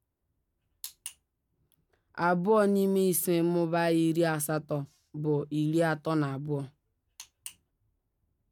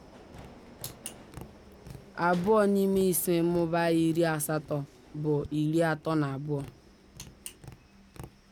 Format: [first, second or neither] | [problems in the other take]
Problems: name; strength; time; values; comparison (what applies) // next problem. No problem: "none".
first | background sound (Tap + Subway, metro, underground); 19 dB below the speech